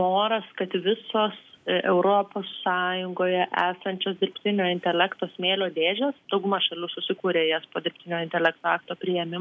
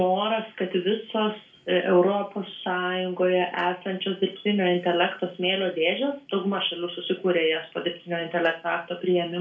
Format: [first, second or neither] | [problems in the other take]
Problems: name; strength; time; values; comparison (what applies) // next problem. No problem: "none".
first | room echo; dies away in 0.3 s